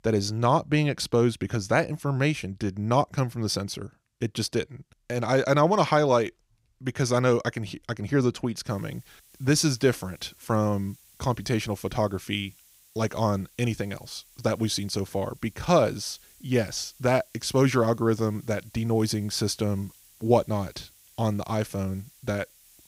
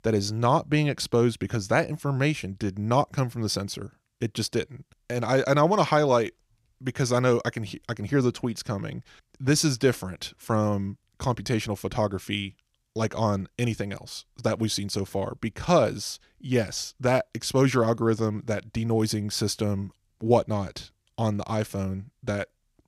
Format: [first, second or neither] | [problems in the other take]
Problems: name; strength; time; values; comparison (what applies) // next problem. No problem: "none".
second | hiss; faint; from 8.5 s on; 25 dB below the speech